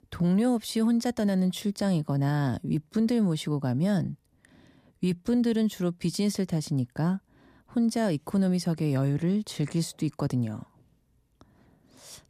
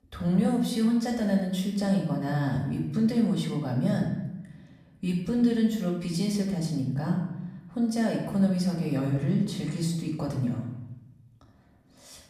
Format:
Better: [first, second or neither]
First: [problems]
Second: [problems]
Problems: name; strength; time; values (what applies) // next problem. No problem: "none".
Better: first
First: none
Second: room echo; noticeable; dies away in 0.8 s // off-mic speech; far